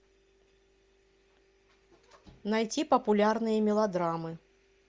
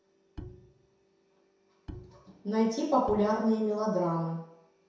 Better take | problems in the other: first | background sound (Bowed string instrument); 18 dB below the speech // room echo; dies away in 0.7 s

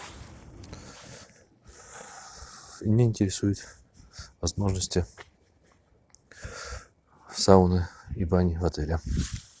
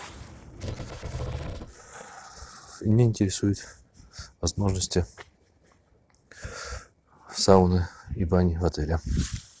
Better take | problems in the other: first | noise reduction (neural separator model SepFormer DNS4)

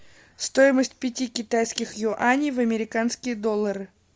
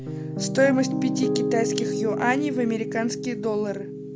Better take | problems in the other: first | background sound (Piano); 1 dB below the speech

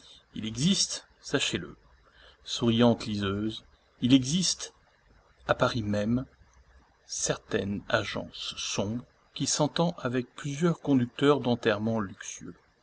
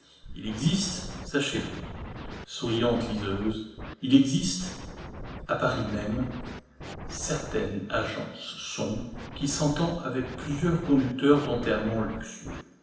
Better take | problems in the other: first | background sound (Scratching (performance technique)); 11 dB below the speech // room echo; dies away in 0.9 s

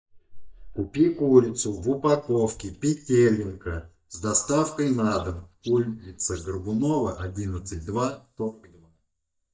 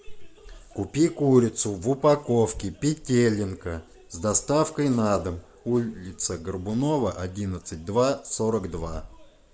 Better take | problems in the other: second | noise reduction (neural mask model DeepFilterNet 3)

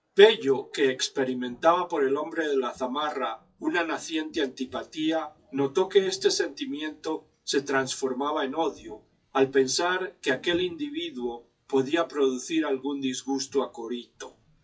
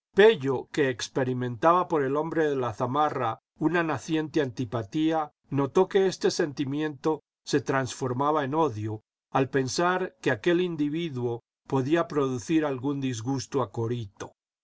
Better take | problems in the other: second | noise reduction (classical method WPE with log-MMSE)

